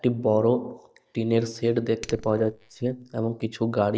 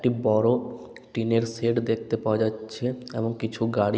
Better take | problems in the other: second | noise reduction (neural mask model DeepFilterNet 3)

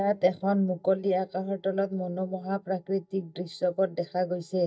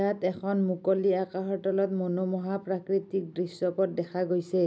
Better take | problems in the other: second | noise reduction (neural mask model DeepFilterNet 3)

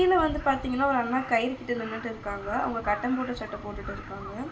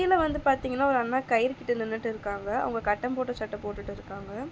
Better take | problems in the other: second | background sound (Crow); 16 dB below the speech // room echo; dies away in 0.5 s

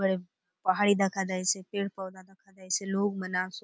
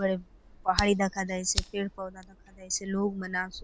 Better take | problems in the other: first | background sound (Fire); 8 dB below the speech

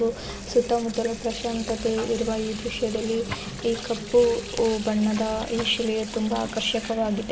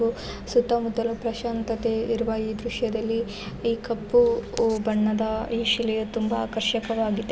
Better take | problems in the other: second | background sound (Sink (filling or washing) / Water tap, faucet); 14 dB below the speech

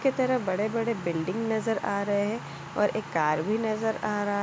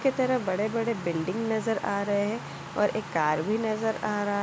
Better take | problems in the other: first | background sound (Stream); 20 dB below the speech

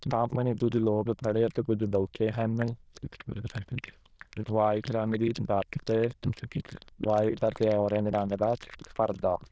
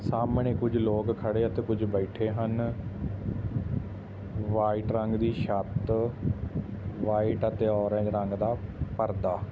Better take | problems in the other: second | noise reduction (neural diffusion model UNIVERSE++)

